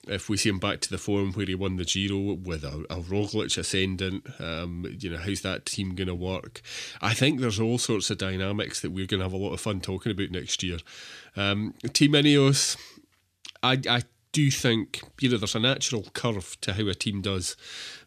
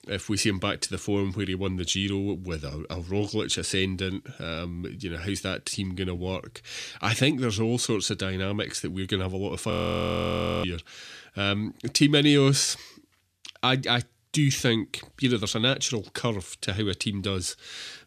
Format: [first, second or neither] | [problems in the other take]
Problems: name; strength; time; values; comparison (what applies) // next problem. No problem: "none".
first | audio freezing; at 9.5 s for 1 s